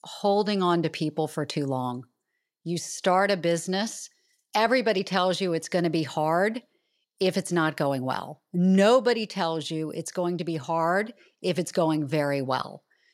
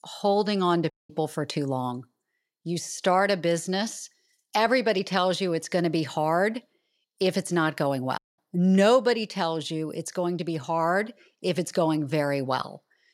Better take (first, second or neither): first